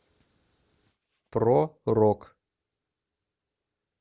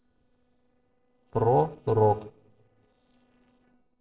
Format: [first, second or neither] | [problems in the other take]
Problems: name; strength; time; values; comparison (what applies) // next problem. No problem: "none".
first | noise reduction (neural separator model SepFormer DNS4)